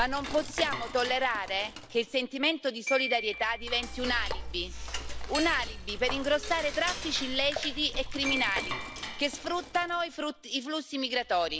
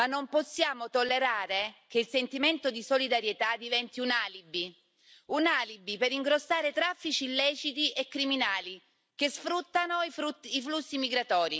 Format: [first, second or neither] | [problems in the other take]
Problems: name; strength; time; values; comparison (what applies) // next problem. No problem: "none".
second | background sound (Cutlery, silverware / Dishes, pots, and pans + Glockenspiel); 6 dB below the speech